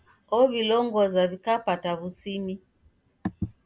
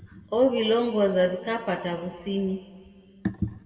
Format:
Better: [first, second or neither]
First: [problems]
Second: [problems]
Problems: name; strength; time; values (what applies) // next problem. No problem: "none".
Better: first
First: none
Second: room echo; dies away in 1.8 s